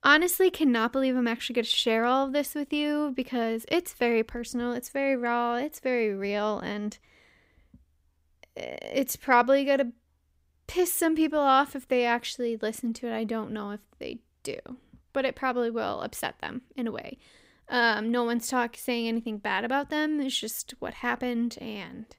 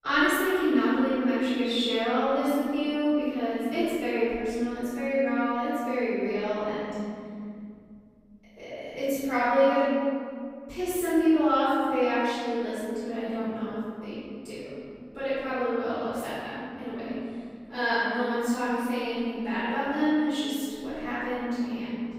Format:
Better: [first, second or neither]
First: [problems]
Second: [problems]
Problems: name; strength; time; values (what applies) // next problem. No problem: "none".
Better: first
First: none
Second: room echo; strong; dies away in 2.3 s // off-mic speech; far